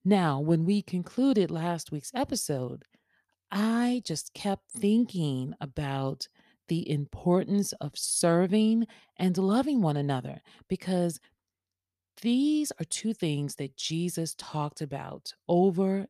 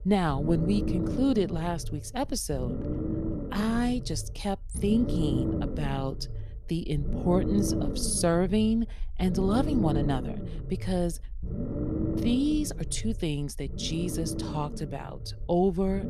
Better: first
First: none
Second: low rumble; loud; throughout; 6 dB below the speech

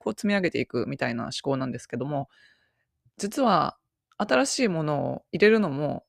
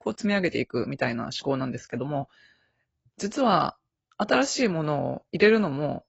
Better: first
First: none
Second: garbled, watery; badly; nothing above 7.5 kHz

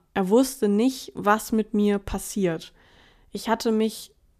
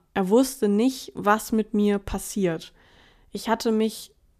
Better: neither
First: none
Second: none

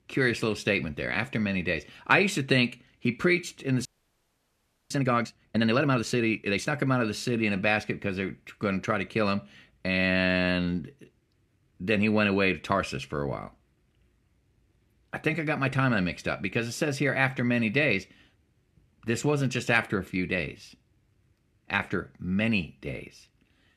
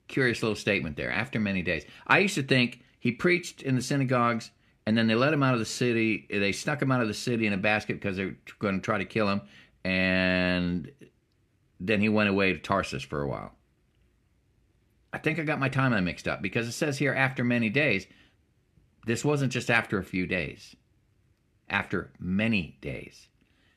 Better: second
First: audio freezing; at 4 s for 1 s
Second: none

